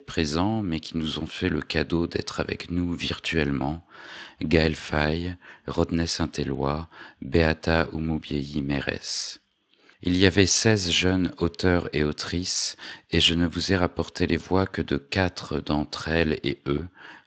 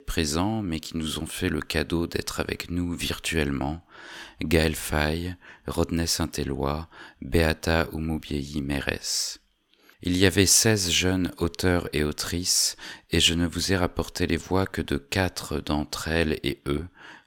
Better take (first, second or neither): second